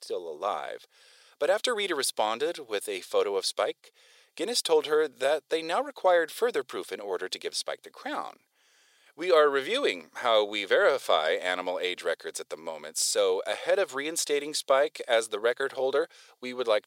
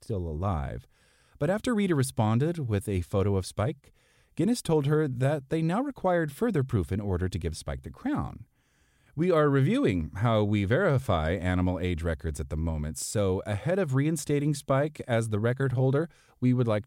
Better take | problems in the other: second | thin; very; fading below 450 Hz

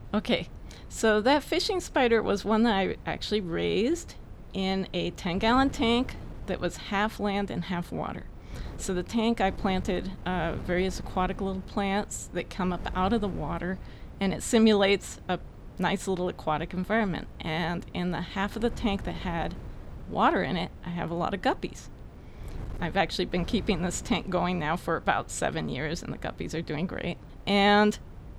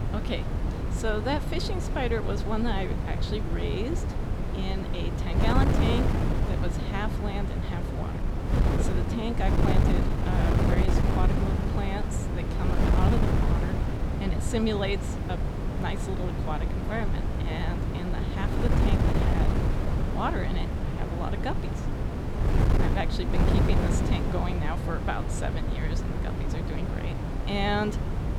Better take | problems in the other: first | wind noise on the microphone; heavy; 1 dB below the speech; occasional gusts in the first

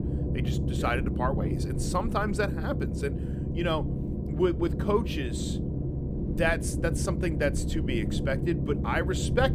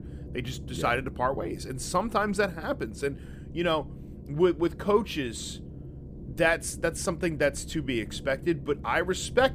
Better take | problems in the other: second | low rumble; loud; throughout; 8 dB below the speech; faint in the second

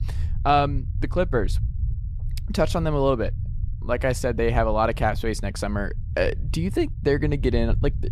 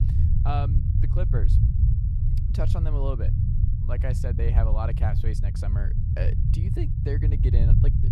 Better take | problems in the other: first | low rumble; loud; throughout; 2 dB below the speech; faint in the first

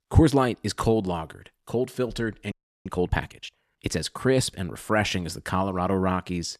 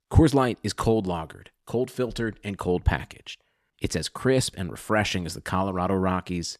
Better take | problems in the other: second | audio freezing; at 2.5 s

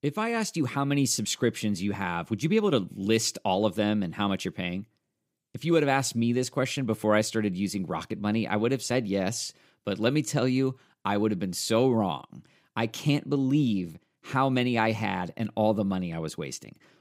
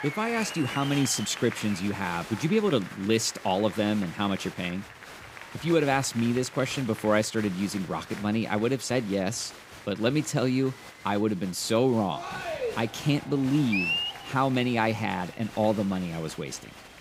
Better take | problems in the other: first | crowd noise; noticeable; throughout; 10 dB below the speech

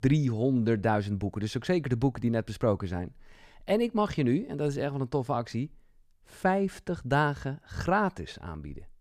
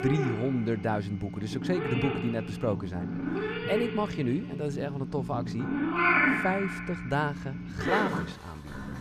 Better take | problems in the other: first | animal sounds; very loud; throughout; as loud as the speech

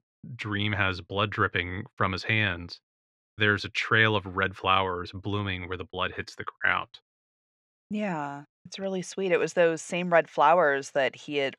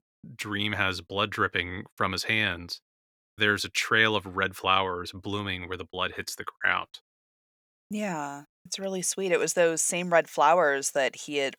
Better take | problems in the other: second | muffled; slightly; fading above 3.5 kHz

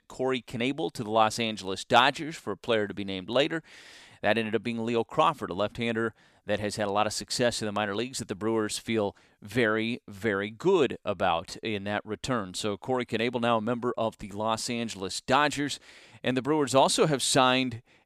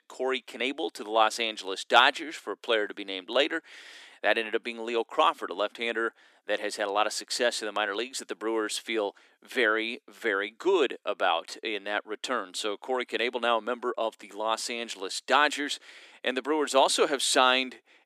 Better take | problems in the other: first | thin; somewhat; fading below 300 Hz

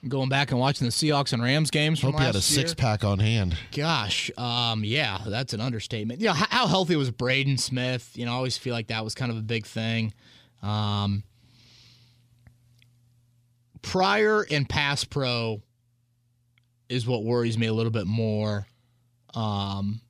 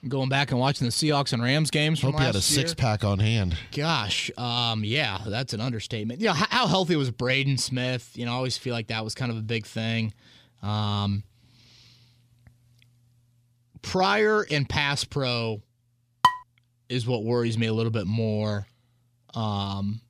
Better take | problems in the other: first | clattering dishes; loud; at 16 s; peak 2 dB above the speech

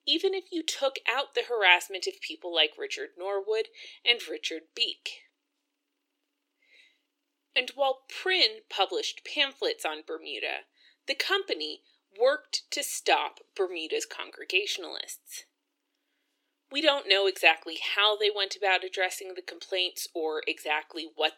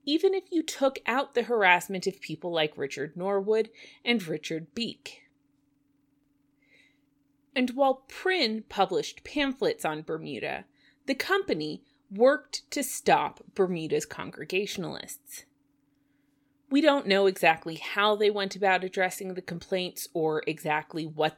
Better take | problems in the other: second | thin; very; fading below 350 Hz

